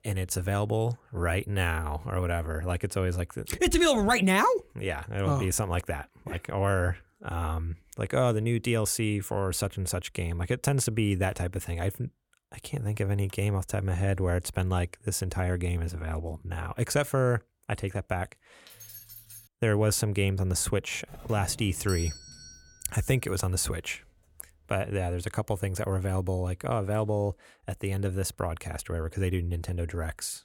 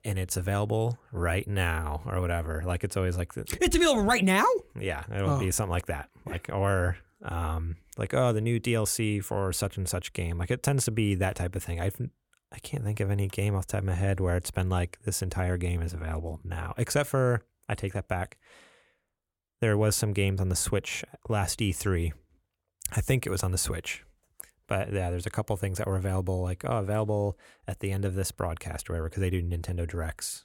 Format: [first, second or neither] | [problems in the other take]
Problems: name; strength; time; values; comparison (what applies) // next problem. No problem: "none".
second | jangling keys; faint; at 19 s; peak 15 dB below the speech // doorbell; noticeable; from 21 to 23 s; peak 8 dB below the speech